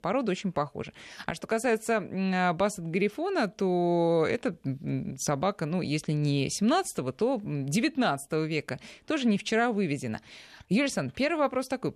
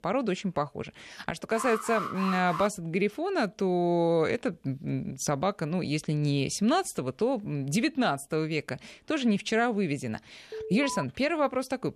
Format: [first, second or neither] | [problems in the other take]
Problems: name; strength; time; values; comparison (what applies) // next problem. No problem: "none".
first | alarm; noticeable; from 1.5 to 2.5 s and at 11 s; peak 5 dB below the speech